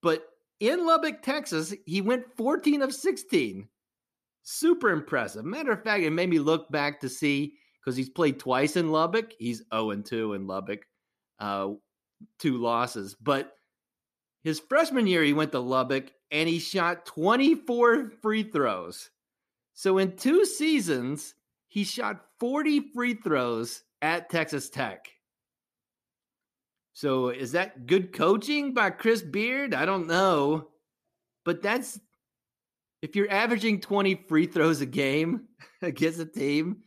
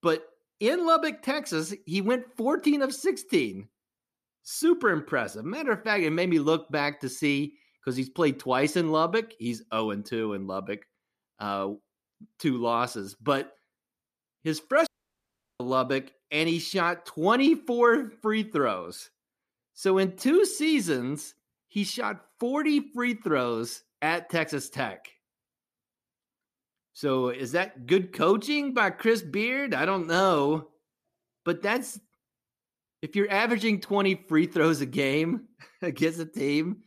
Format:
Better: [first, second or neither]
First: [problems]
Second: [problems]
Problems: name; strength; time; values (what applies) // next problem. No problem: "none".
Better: first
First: none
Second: audio cutting out; at 15 s for 0.5 s